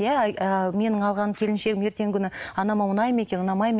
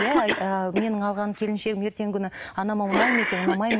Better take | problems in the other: first | background sound (Cough); 3 dB below the speech

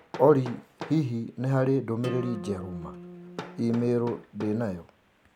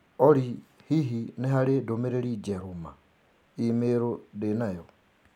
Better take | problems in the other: second | background sound (Acoustic guitar + Hammer); 15 dB below the speech

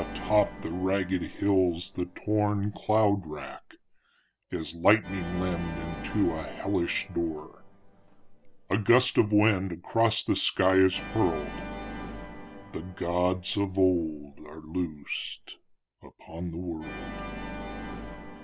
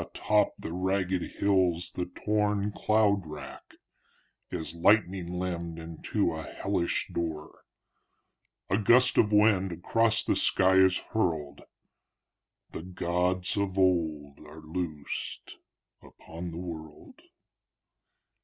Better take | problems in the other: second | background sound (Organ); 13 dB below the speech

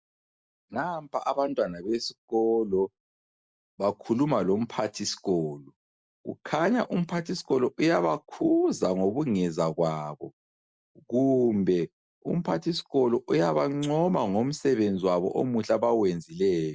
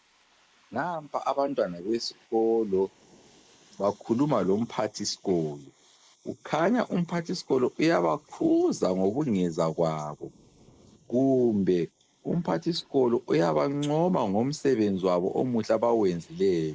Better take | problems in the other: first | noise reduction (neural mask model Resemble Enhance denoiser)

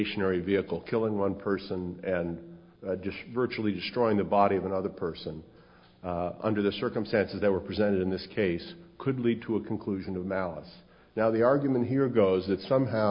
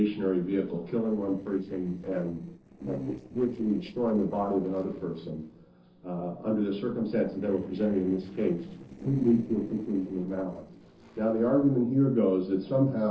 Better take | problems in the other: first | noise reduction (neural separator model SepFormer DNS4)

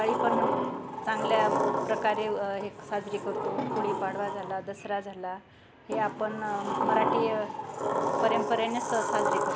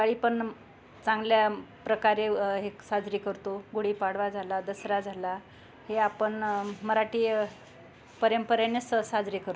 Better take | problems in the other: second | background sound (Sliding door); 1 dB above the speech

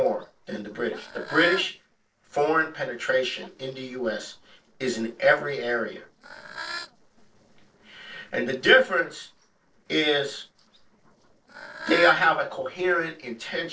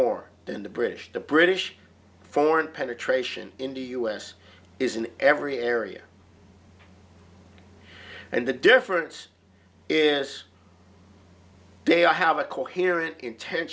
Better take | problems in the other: second | noise reduction (neural separator model SepFormer DNS4)

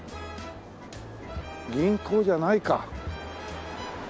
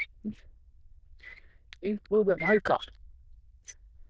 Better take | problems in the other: first | noise reduction (neural diffusion model UNIVERSE++)

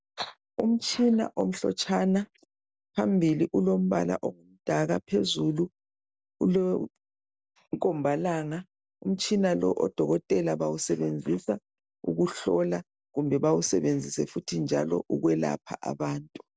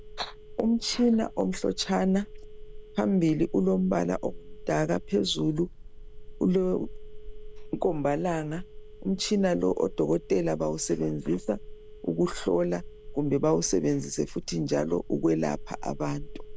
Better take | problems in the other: first | background sound (Telephone); 13 dB below the speech

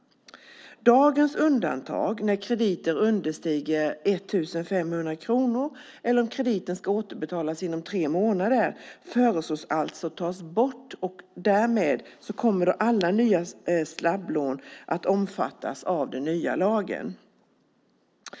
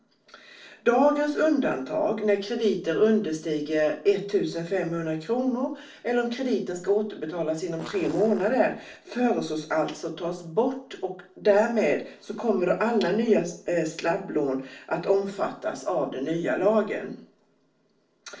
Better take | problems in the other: first | noise reduction (neural separator model SepFormer DNS4)

